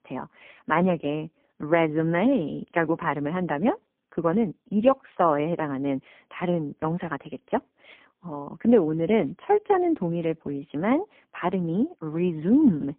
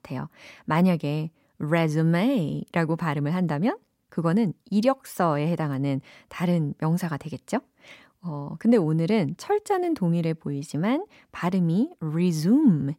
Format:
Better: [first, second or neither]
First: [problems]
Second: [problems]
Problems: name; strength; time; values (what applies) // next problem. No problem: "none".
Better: second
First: phone-call audio; poor line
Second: none